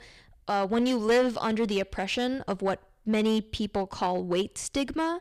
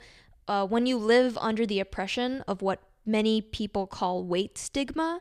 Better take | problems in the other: second | distortion; slight; 5% of the sound clipped

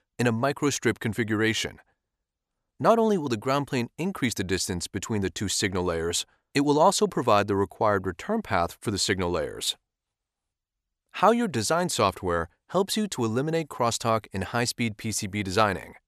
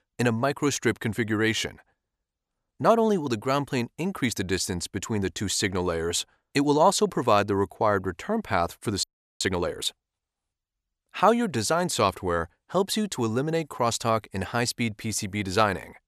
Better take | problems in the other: first | audio freezing; at 9 s

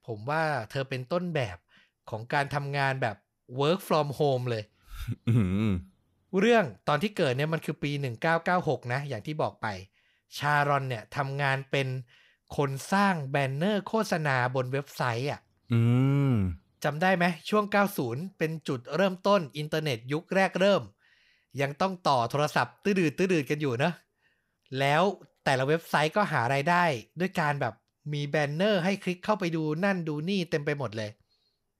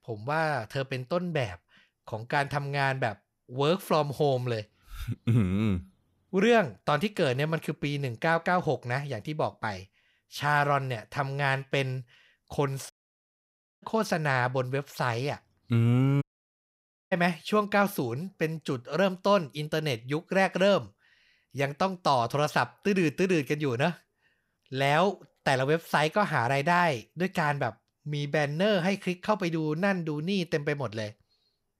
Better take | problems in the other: first | audio cutting out; at 13 s for 1 s and at 16 s for 1 s

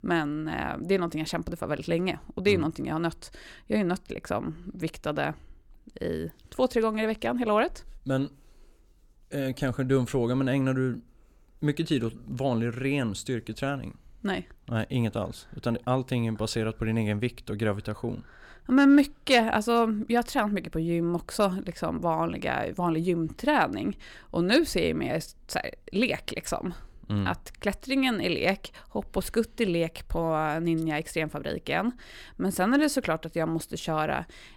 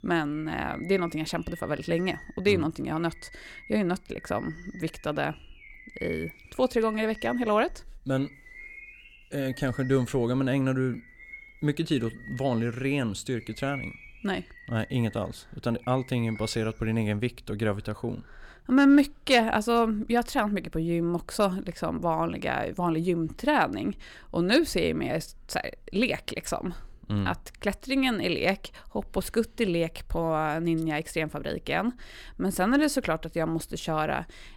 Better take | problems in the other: first | animal sounds; noticeable; throughout; 20 dB below the speech

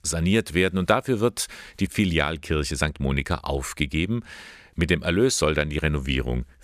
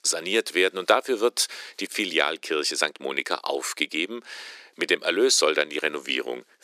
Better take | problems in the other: first | thin; very; fading below 300 Hz

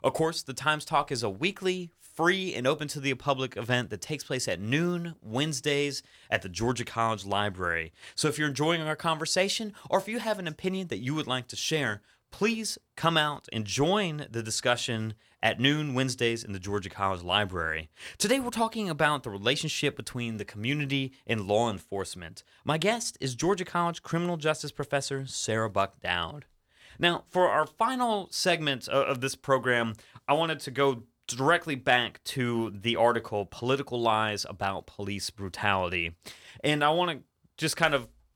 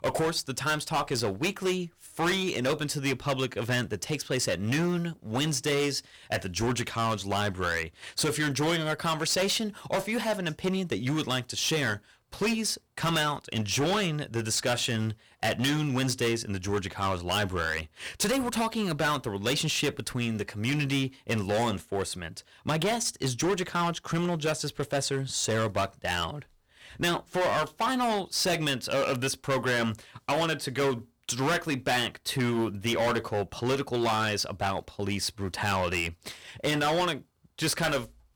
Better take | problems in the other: first | distortion; heavy; 13% of the sound clipped

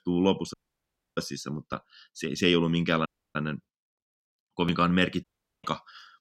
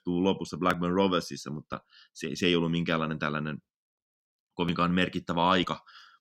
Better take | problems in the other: second | audio cutting out; at 0.5 s for 0.5 s, at 3 s and at 5 s

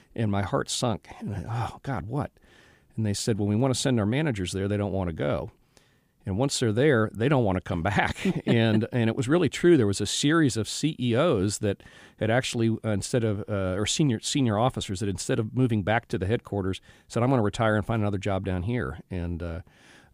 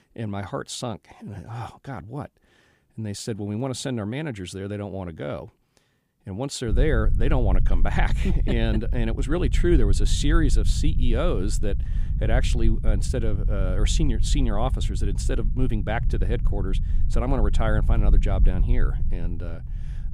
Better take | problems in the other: first | low rumble; noticeable; from 6.5 s on; 15 dB below the speech

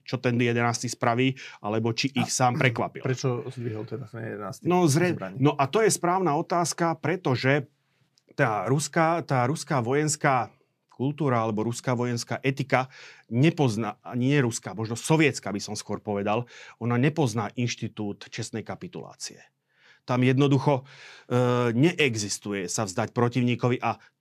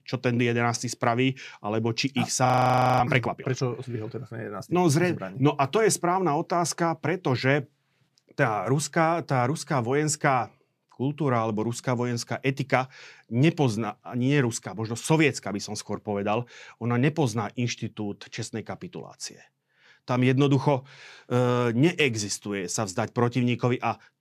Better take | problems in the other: first | audio freezing; at 2.5 s for 0.5 s

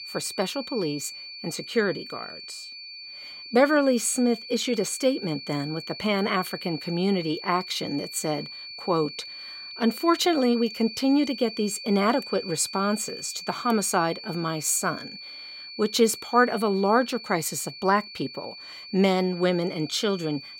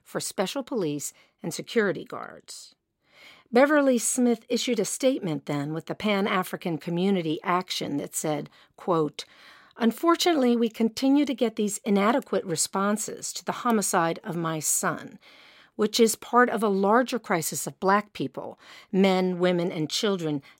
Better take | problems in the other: second | high-pitched whine; noticeable; throughout; 4.5 kHz, 10 dB below the speech

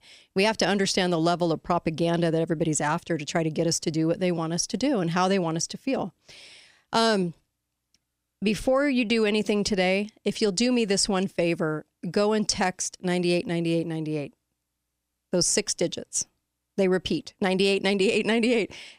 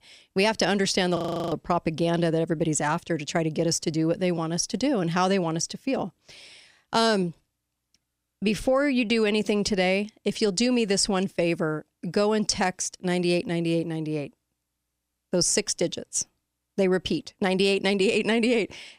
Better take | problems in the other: first | audio freezing; at 1 s

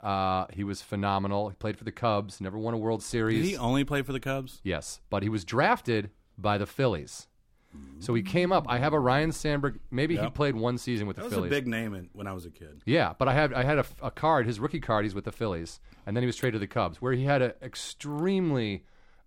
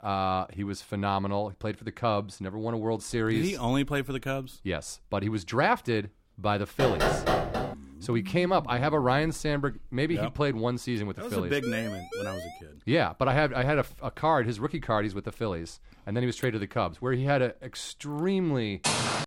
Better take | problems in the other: first | door banging; loud; at 7 s; peak 3 dB above the speech // siren; noticeable; at 12 s; peak 7 dB below the speech // footsteps; loud; at 19 s; peak 3 dB above the speech

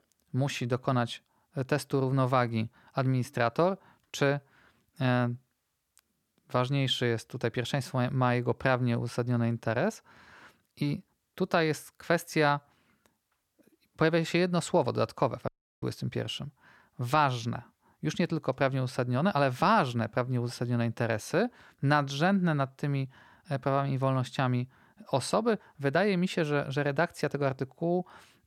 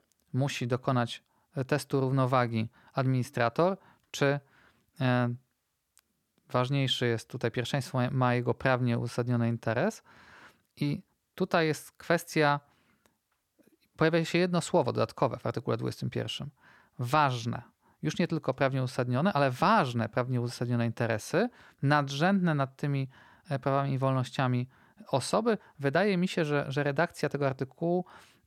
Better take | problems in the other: second | audio cutting out; at 15 s

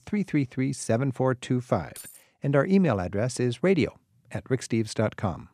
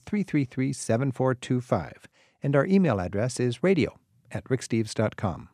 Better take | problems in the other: second | jangling keys; faint; at 2 s; peak 15 dB below the speech

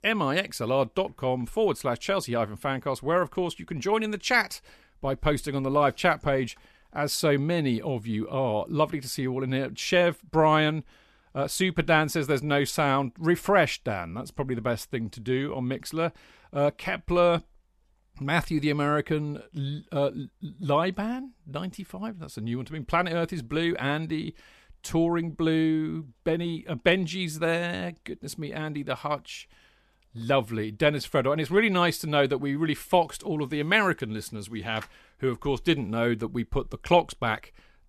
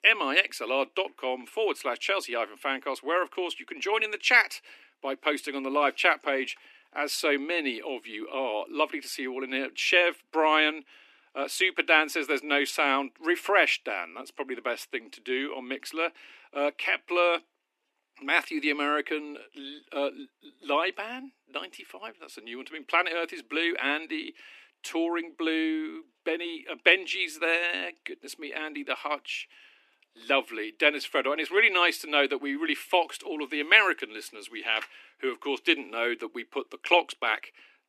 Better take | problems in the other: first | thin; somewhat; fading below 250 Hz

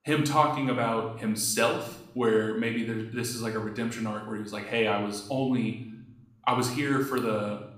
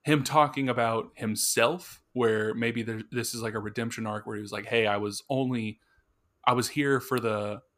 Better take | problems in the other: second | room echo; slight; dies away in 0.7 s // off-mic speech; somewhat distant

